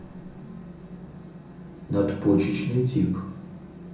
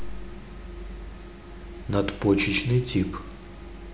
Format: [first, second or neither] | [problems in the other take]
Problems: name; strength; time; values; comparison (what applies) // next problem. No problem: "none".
second | room echo; dies away in 0.6 s